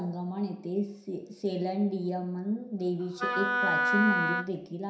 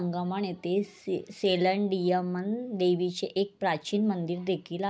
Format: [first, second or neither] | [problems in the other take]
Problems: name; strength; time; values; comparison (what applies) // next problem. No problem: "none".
second | background sound (Wind instrument, woodwind instrument); 3 dB above the speech // room echo; dies away in 0.7 s